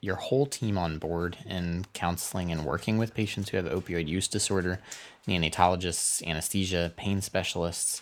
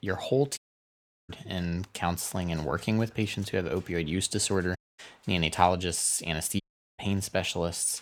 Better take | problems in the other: first | audio cutting out; at 0.5 s for 0.5 s, at 5 s and at 6.5 s

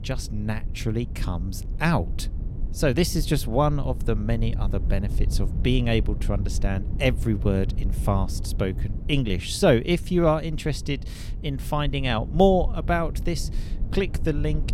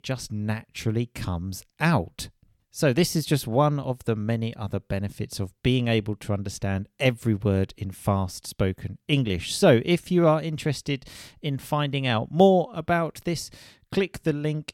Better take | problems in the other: second | low rumble; noticeable; throughout; 20 dB below the speech

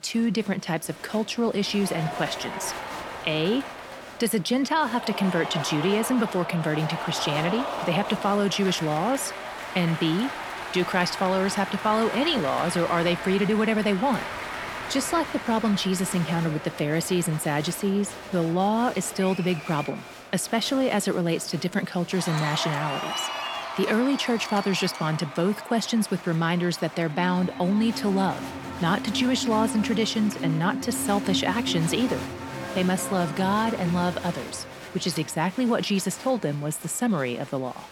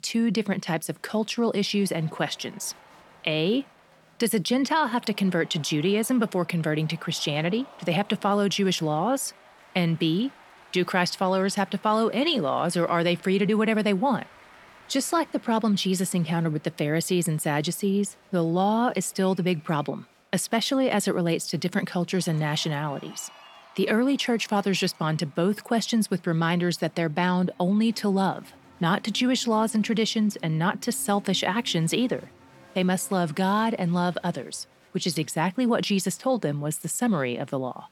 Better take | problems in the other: second | crowd noise; loud; throughout; 8 dB below the speech; faint in the second

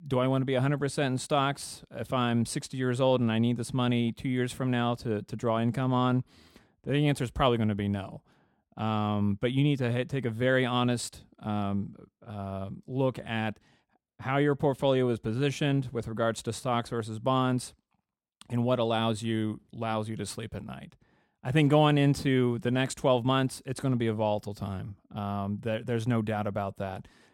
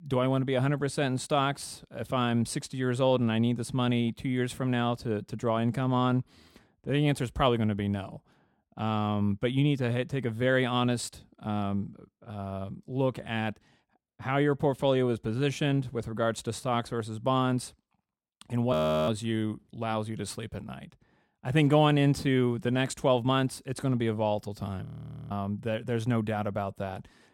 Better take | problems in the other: first | audio freezing; at 19 s and at 25 s

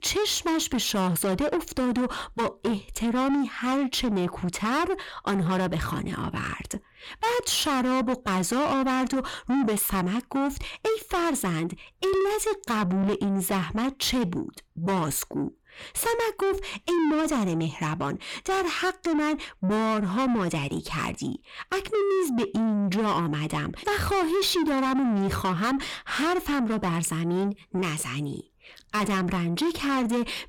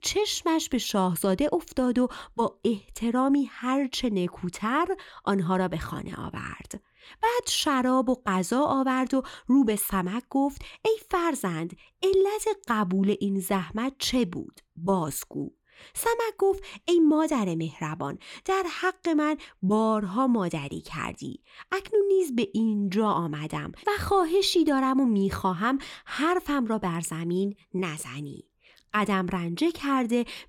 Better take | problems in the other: second | distortion; heavy; 7 dB below the speech

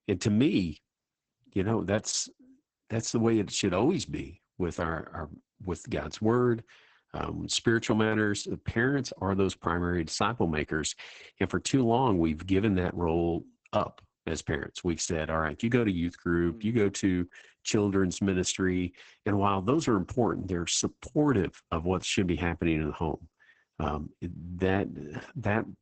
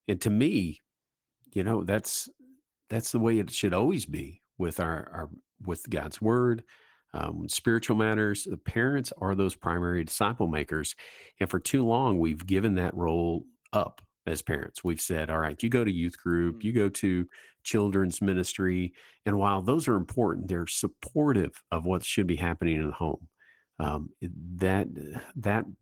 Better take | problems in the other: second | garbled, watery; badly; nothing above 8 kHz; slightly in the second

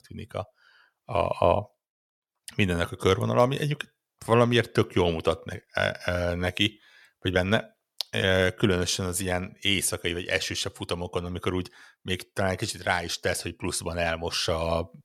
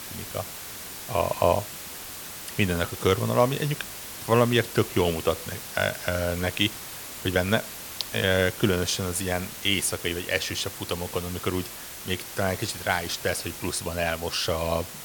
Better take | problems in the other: first | hiss; loud; throughout; 9 dB below the speech

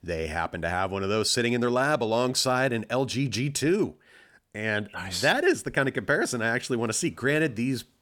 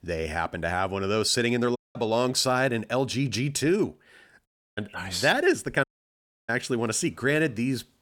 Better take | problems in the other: first | audio cutting out; at 2 s, at 4.5 s and at 6 s for 0.5 s

